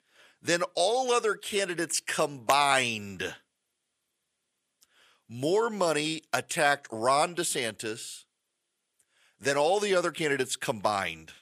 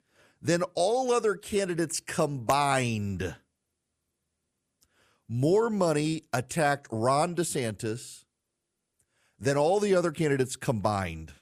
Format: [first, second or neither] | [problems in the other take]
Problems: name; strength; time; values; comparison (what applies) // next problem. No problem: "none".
second | thin; somewhat; fading below 600 Hz